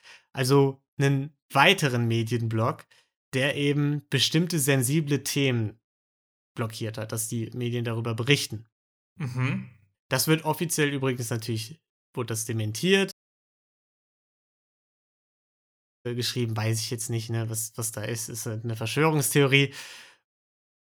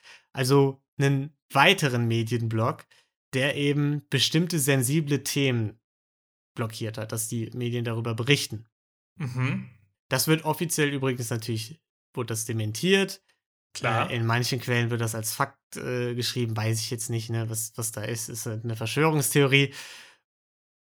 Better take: second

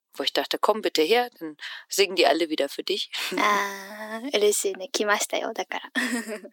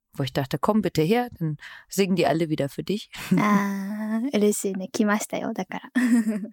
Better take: second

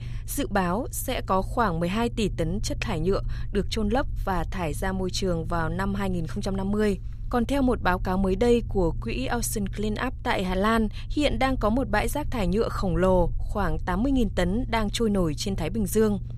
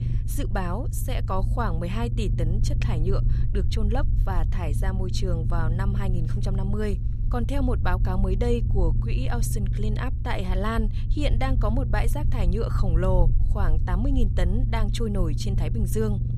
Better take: first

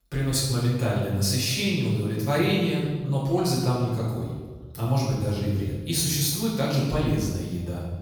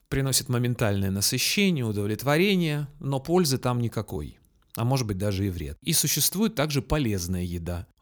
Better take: second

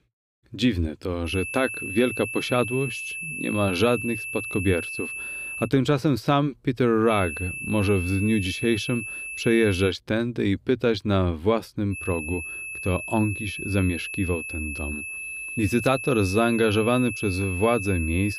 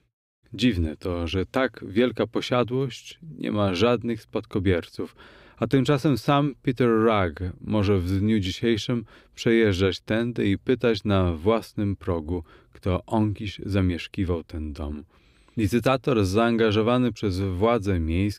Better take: second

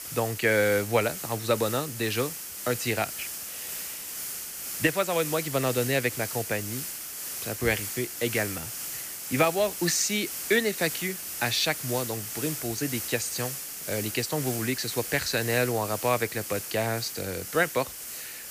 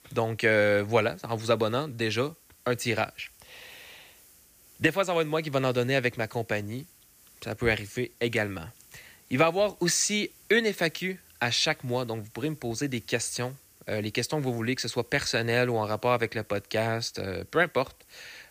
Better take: second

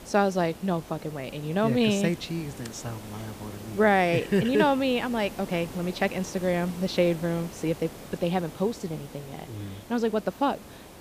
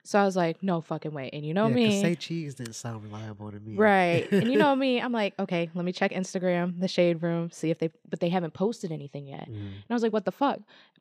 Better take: second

